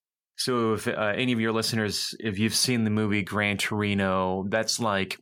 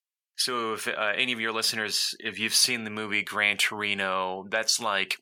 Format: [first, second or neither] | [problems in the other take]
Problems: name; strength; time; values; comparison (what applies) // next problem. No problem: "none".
first | thin; somewhat; fading below 1 kHz